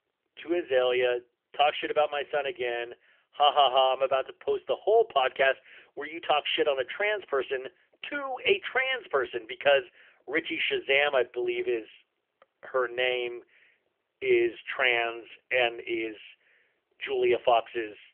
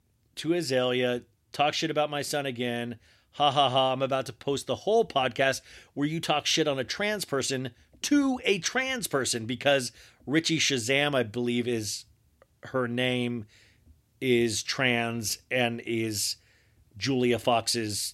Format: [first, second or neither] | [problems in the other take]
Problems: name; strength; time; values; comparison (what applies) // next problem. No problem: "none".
second | phone-call audio; nothing above 3 kHz